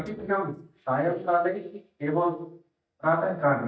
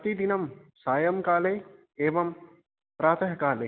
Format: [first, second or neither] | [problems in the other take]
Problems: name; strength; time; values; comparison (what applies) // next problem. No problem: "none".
second | noise reduction (neural mask model DeepFilterNet 3)